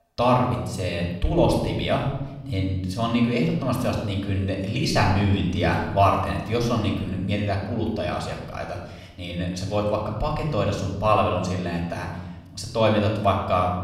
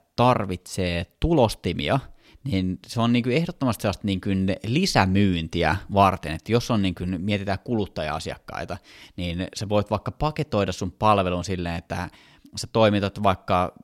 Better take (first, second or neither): second